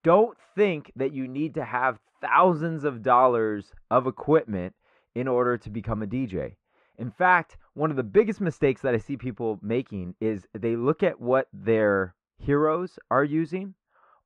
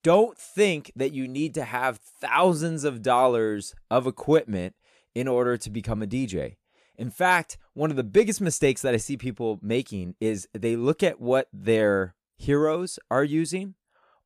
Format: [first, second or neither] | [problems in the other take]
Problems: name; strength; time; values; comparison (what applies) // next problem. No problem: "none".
second | muffled; very; fading above 2 kHz